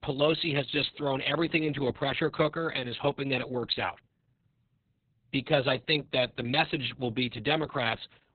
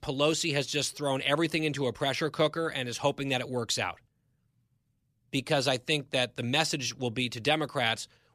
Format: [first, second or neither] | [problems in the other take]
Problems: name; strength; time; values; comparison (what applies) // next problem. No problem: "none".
second | garbled, watery; badly; nothing above 4 kHz